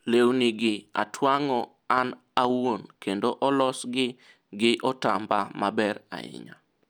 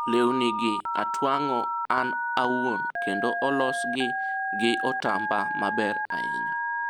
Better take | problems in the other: first | background sound (Telephone); as loud as the speech

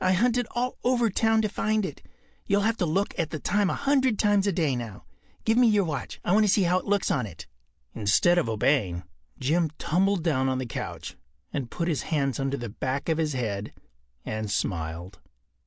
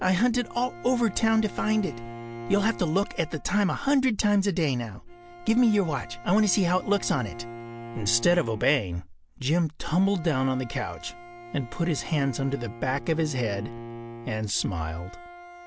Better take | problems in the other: first | background sound (Bowed string instrument + Bowed string instrument); 15 dB below the speech

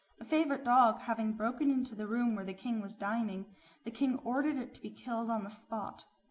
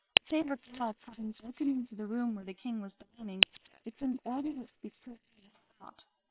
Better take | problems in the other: first | noise reduction (neural separator model SepFormer WHAM!)

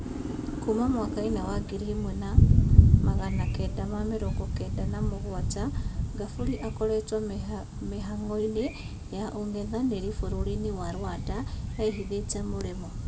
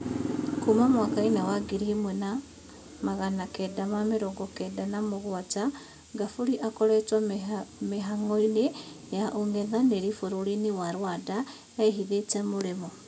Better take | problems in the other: second | background sound (Thunder); 5 dB above the speech

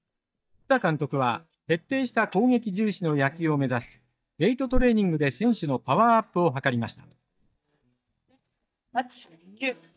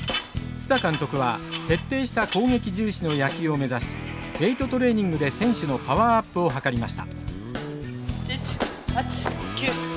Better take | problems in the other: second | noise reduction (neural mask model DeepFilterNet 3)

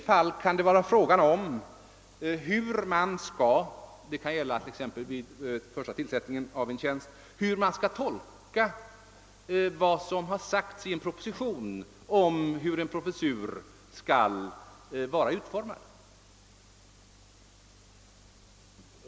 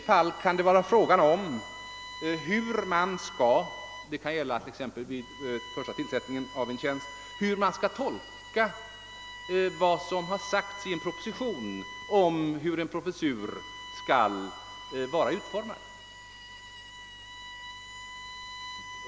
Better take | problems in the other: first | background sound (Bowed string instrument); 14 dB below the speech

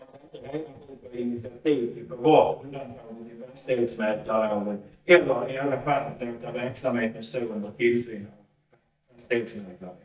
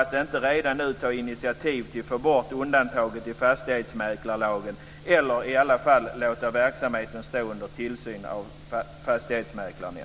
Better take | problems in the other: second | noise reduction (neural mask model DeepFilterNet 3)

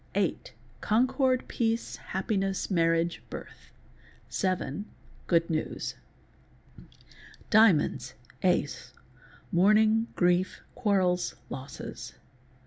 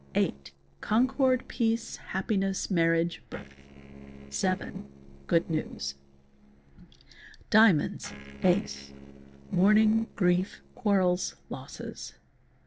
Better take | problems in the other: first | noise reduction (neural separator model SepFormer DNS4)

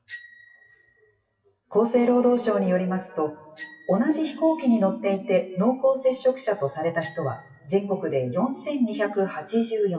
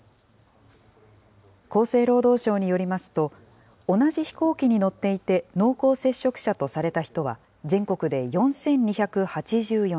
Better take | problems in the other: second | noise reduction (classical method WPE with log-MMSE)

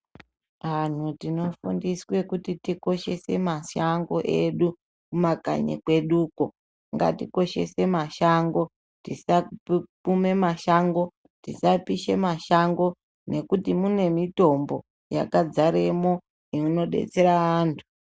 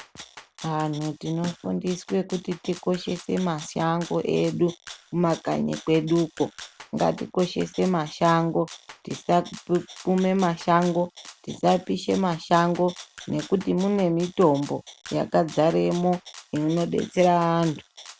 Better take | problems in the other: first | background sound (Rattle (instrument)); 20 dB below the speech

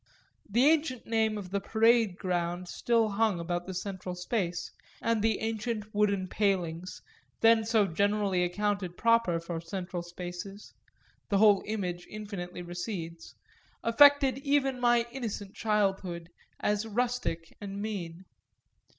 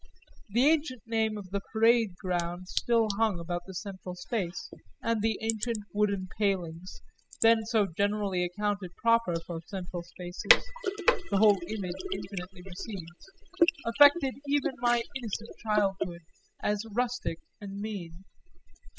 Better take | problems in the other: first | noise reduction (classical method spectral subtraction)

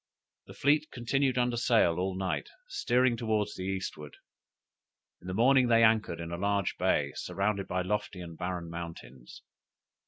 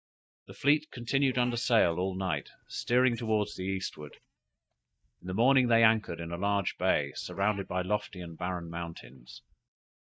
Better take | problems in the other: first | noise reduction (neural mask model DeepFilterNet 3)

